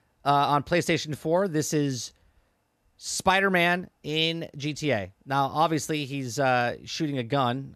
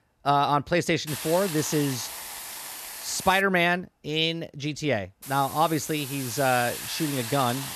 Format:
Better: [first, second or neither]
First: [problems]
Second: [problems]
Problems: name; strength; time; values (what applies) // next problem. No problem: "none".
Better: first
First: none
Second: hiss; loud; from 1 to 3.5 s and from 5 s on; 9 dB below the speech